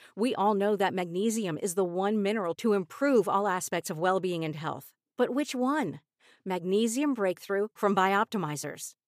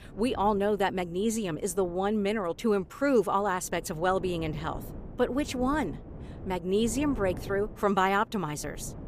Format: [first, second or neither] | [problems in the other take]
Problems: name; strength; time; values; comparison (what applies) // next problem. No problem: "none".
first | wind noise on the microphone; occasional gusts; 20 dB below the speech